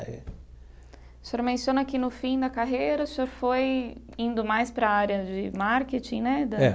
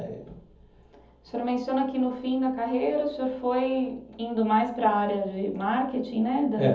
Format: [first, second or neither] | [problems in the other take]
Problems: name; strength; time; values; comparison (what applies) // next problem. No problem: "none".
first | room echo; dies away in 0.7 s